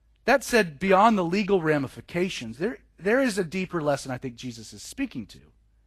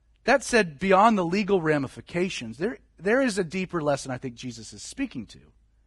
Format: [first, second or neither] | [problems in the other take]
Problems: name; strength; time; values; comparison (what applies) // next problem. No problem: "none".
first | garbled, watery; badly; nothing above 10.5 kHz; slightly in the first